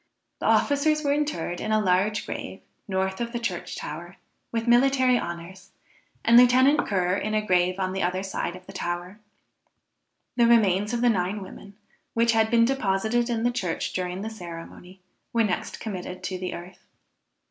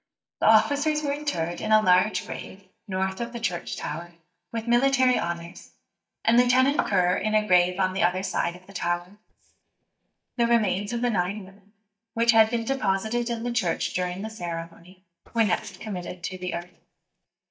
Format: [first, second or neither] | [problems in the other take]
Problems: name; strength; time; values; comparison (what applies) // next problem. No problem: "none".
first | noise reduction (neural mask model DeepFilterNet 3)